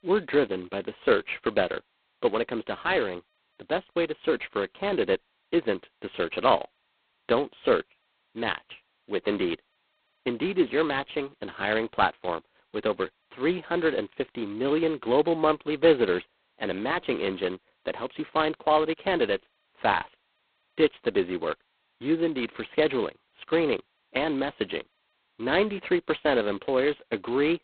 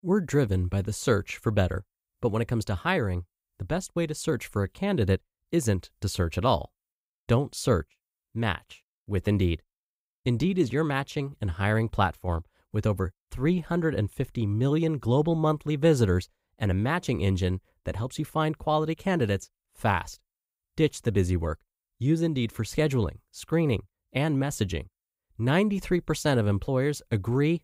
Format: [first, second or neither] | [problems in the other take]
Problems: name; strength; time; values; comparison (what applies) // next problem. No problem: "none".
second | phone-call audio; poor line; nothing above 4 kHz